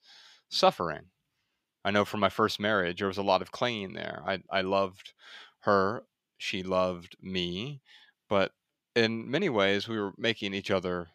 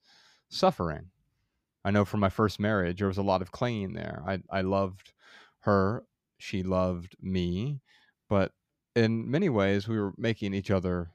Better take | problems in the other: second | thin; very slightly; fading below 950 Hz

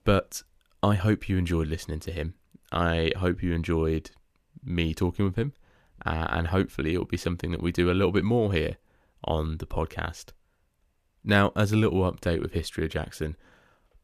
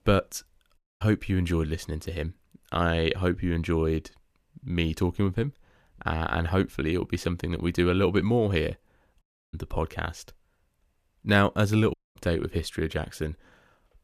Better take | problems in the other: first | audio cutting out; at 1 s, at 9 s and at 12 s

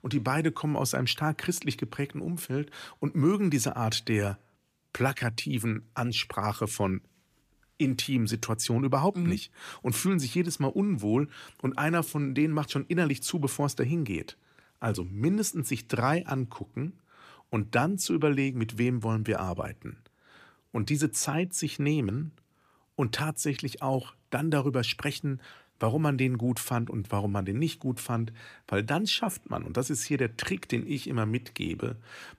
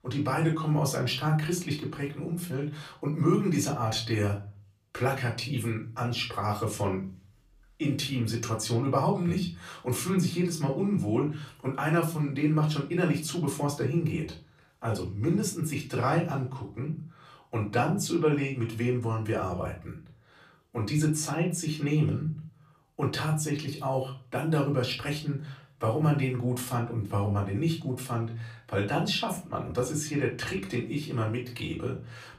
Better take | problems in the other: first | off-mic speech; far // room echo; very slight; dies away in 0.3 s

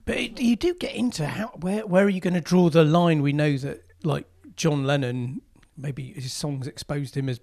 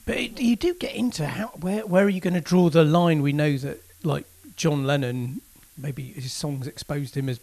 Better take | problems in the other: first | hiss; faint; throughout; 25 dB below the speech

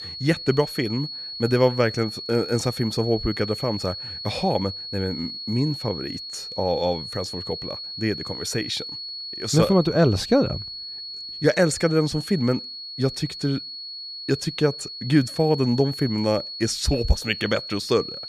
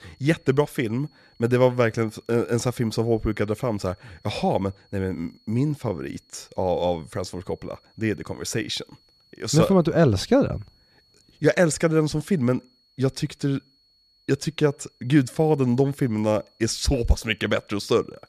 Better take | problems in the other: second | high-pitched whine; loud; throughout; 4.5 kHz, 8 dB below the speech; faint in the second

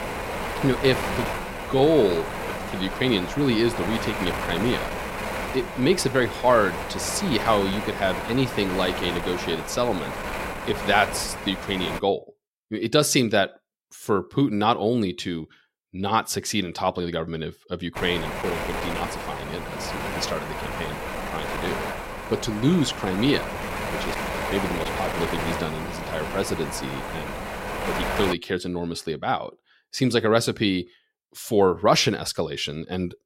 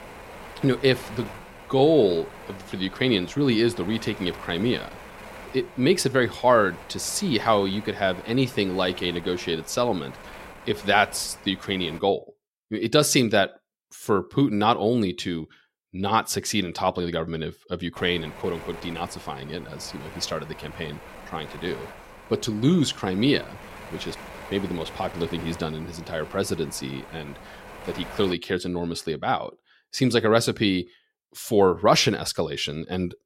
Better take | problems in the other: second | wind noise on the microphone; heavy; until 12 s and from 18 to 28 s; 4 dB below the speech; occasional gusts in the second

